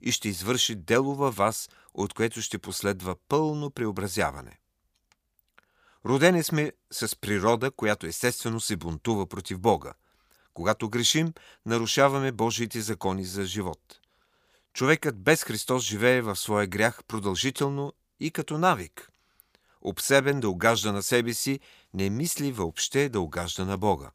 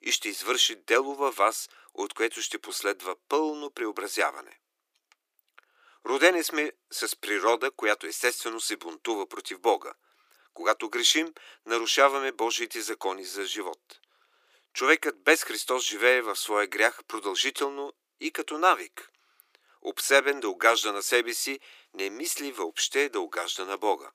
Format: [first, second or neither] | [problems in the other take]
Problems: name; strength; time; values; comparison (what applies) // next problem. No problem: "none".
first | thin; very; fading below 300 Hz